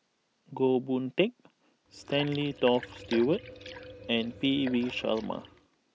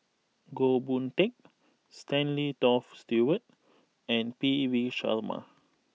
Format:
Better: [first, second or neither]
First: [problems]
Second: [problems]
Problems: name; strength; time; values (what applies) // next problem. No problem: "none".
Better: second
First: background sound (Liquid); 15 dB below the speech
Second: none